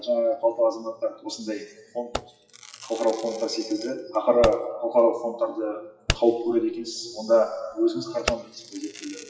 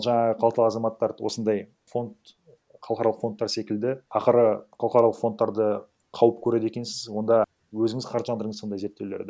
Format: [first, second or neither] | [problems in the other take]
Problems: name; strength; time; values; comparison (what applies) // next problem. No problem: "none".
second | noise reduction (classical method WPE with log-MMSE)